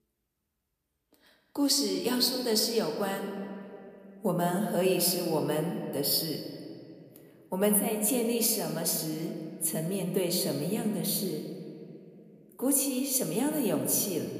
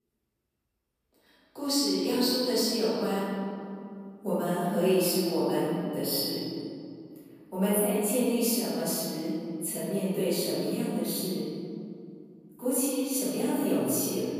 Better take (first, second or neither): first